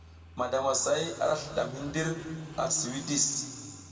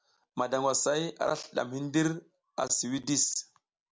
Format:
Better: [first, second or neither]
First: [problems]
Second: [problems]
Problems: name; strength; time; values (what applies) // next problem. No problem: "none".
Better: second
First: background sound (Car passing by / Idling); 15 dB below the speech // room echo; dies away in 1.9 s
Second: none